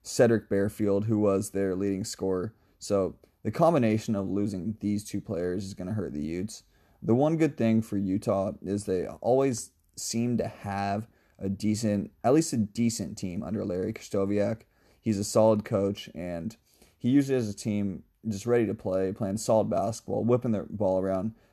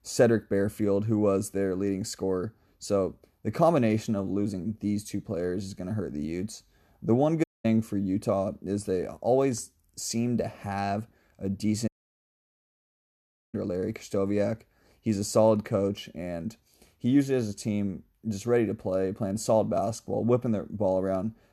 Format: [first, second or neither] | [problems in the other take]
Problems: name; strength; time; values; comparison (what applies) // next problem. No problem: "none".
first | audio cutting out; at 7.5 s and at 12 s for 1.5 s